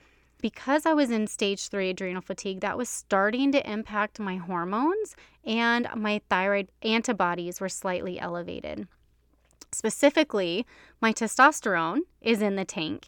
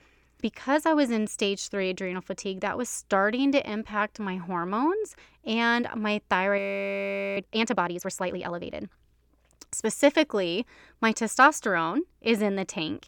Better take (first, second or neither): first